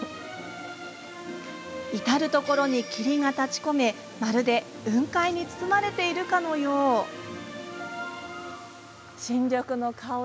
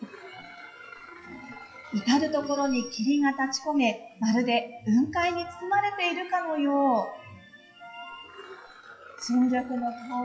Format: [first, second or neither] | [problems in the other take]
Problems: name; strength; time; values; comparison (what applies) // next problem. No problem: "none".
first | noise reduction (classical method WPE with log-MMSE)